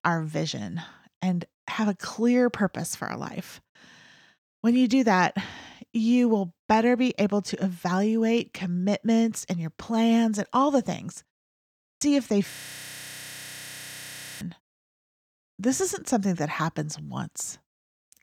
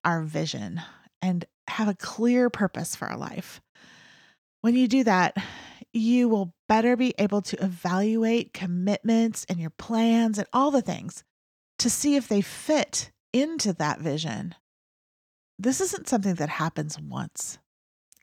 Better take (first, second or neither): second